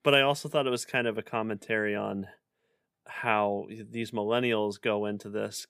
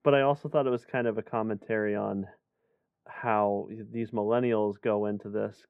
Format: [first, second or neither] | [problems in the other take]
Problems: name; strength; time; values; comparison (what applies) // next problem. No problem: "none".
first | muffled; very; fading above 3 kHz